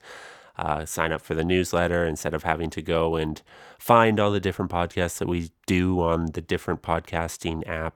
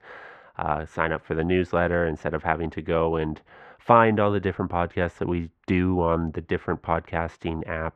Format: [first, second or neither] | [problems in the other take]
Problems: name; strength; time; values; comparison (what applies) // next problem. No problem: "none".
first | muffled; very; fading above 2 kHz